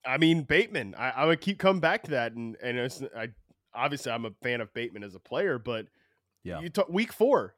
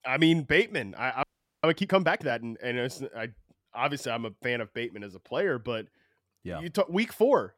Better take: first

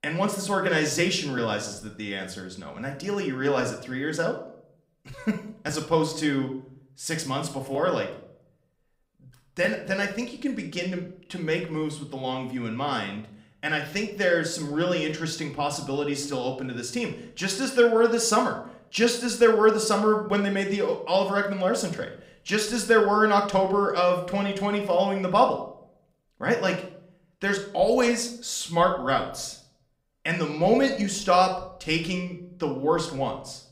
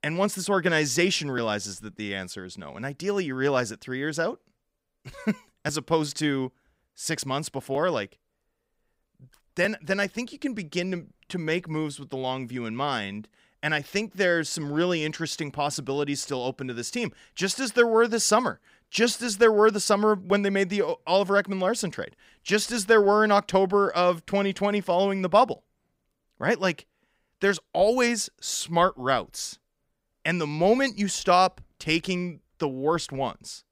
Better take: second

